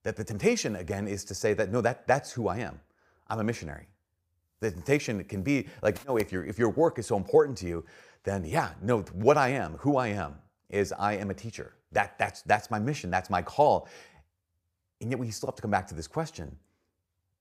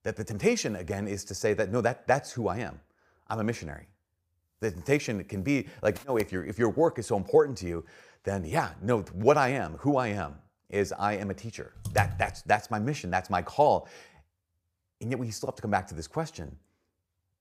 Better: first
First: none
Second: keyboard typing; noticeable; at 12 s; peak 4 dB below the speech

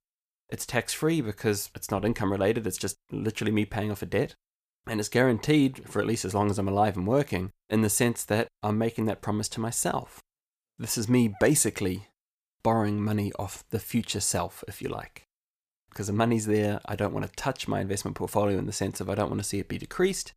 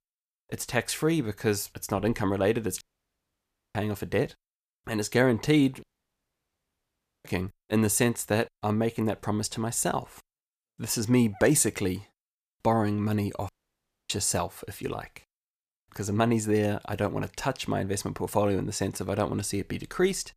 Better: first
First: none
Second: audio cutting out; at 3 s for 1 s, at 6 s for 1.5 s and at 13 s for 0.5 s

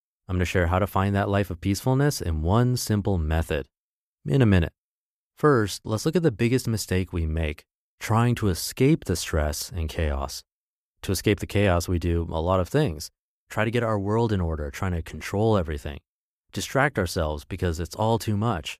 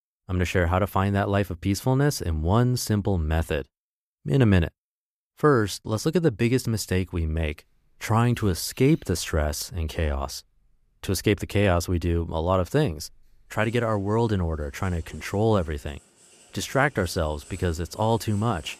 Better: first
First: none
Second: household noises; faint; from 7 s on; 25 dB below the speech

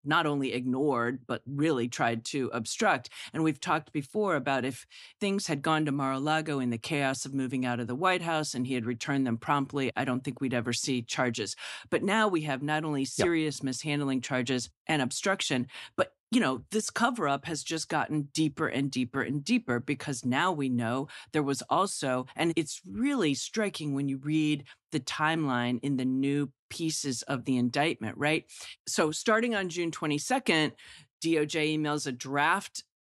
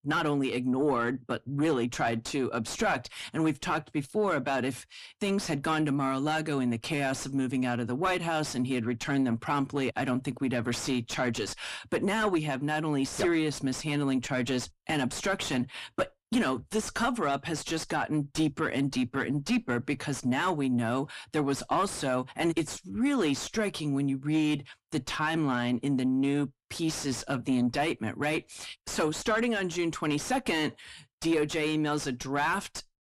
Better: first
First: none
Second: distortion; slight; 9 dB below the speech

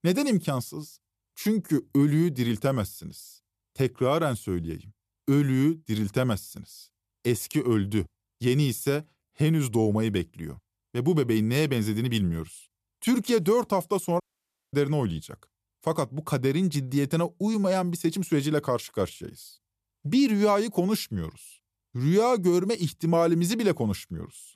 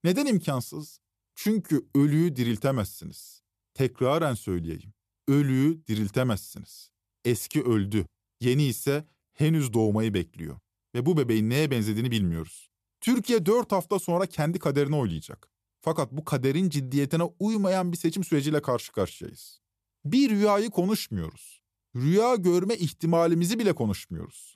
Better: second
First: audio cutting out; at 14 s for 0.5 s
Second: none

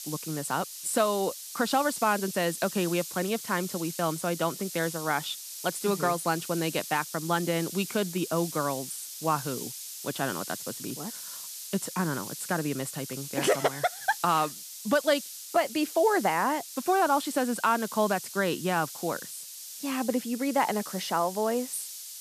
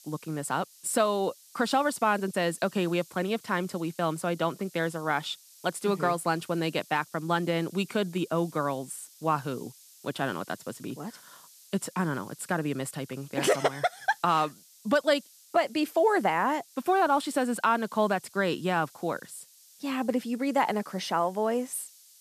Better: second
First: hiss; loud; throughout; 9 dB below the speech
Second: hiss; faint; throughout; 25 dB below the speech

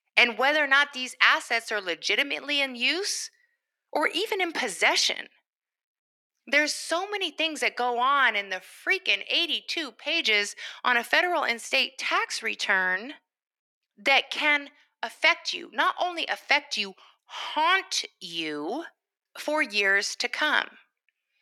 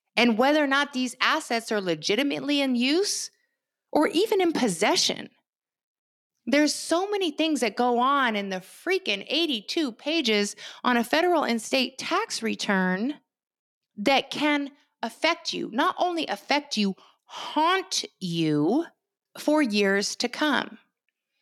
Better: second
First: thin; somewhat; fading below 500 Hz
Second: none

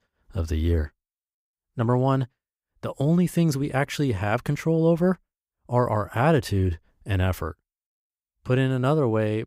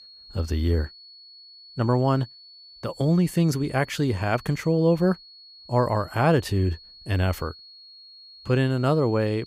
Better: first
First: none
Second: high-pitched whine; faint; throughout; 4.5 kHz, 20 dB below the speech

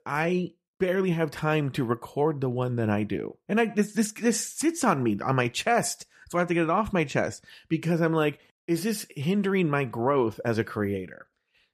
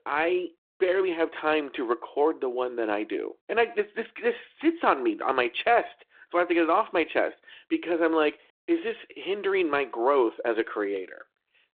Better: first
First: none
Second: phone-call audio

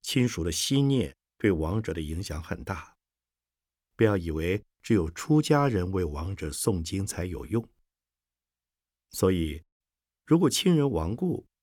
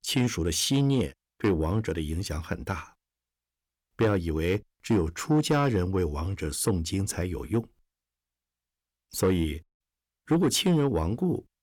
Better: first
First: none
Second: distortion; slight; 10 dB below the speech

